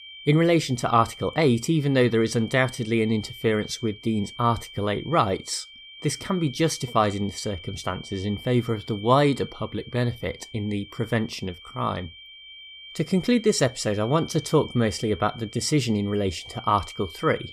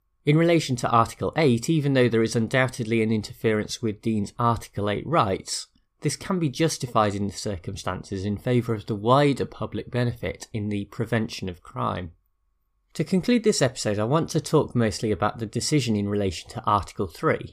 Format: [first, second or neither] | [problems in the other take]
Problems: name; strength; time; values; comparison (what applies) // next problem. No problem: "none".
second | high-pitched whine; noticeable; throughout; 3 kHz, 15 dB below the speech